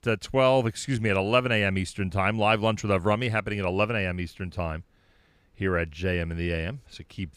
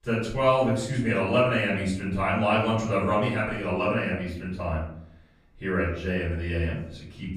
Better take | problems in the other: first | off-mic speech; far // room echo; noticeable; dies away in 0.6 s

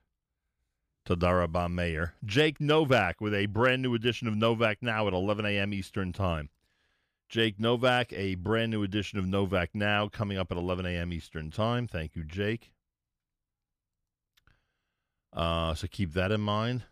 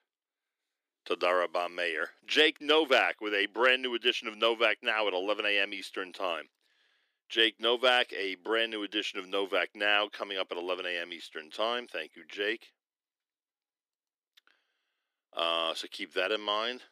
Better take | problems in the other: first | thin; very; fading below 300 Hz

